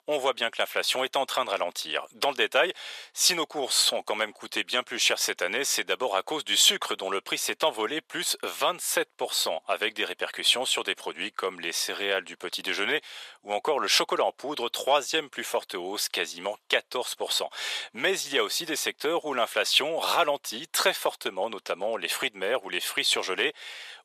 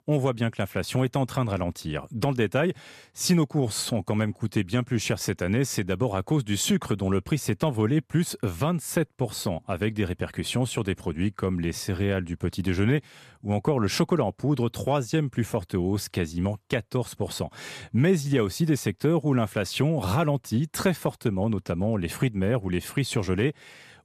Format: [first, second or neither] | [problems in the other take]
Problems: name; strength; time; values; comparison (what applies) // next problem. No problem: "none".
second | thin; very; fading below 550 Hz